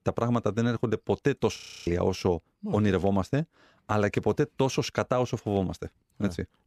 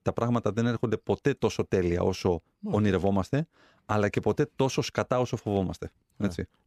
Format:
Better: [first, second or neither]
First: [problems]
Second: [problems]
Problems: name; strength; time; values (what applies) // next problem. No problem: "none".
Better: second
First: audio freezing; at 1.5 s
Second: none